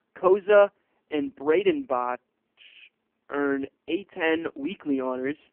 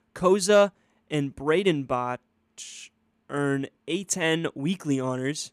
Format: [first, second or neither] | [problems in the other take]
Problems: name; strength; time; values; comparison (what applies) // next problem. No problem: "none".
second | phone-call audio; poor line; nothing above 3 kHz